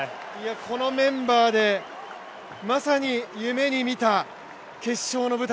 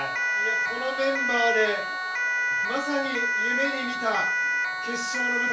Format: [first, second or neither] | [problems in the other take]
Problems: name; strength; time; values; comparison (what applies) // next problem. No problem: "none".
first | background sound (Siren); 3 dB above the speech // room echo; dies away in 0.3 s